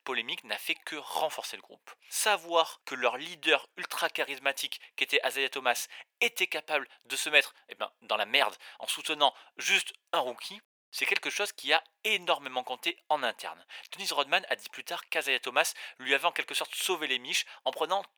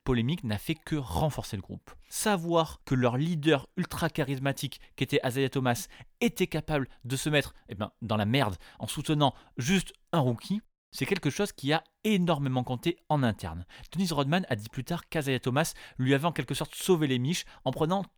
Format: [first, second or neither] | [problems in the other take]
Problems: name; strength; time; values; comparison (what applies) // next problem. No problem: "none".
second | thin; very; fading below 550 Hz